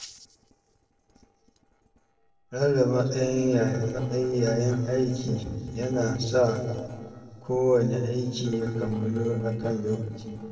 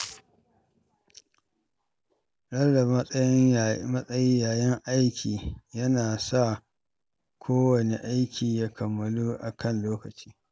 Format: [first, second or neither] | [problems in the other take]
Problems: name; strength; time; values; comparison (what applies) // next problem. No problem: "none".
second | noise reduction (neural separator model SepFormer DNS4)